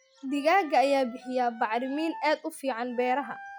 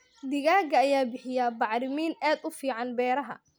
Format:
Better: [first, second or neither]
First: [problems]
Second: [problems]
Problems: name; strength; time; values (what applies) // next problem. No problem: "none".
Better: second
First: noise reduction (classical method log-MMSE)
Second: none